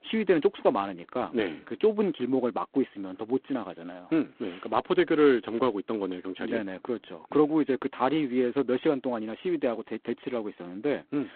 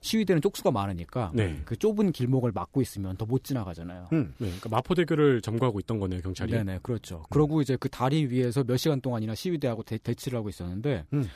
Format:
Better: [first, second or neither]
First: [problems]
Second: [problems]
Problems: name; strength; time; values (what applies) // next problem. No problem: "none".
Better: second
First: phone-call audio; poor line; nothing above 3.5 kHz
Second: none